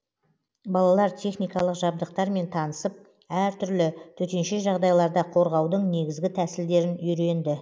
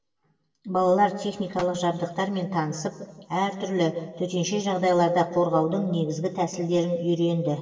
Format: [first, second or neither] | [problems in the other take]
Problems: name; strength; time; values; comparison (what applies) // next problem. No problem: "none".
first | room echo; dies away in 1.4 s